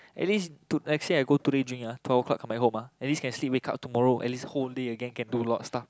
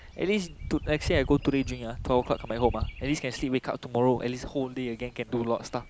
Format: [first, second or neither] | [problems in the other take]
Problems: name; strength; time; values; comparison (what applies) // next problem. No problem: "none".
first | background sound (Bird vocalization, bird call, bird song); 10 dB below the speech